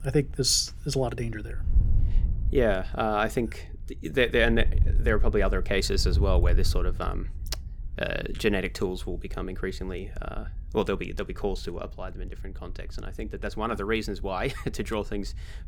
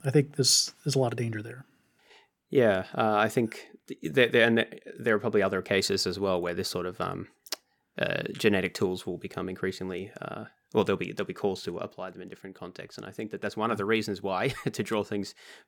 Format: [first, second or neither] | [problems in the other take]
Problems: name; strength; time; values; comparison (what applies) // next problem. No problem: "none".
second | wind noise on the microphone; occasional gusts; 20 dB below the speech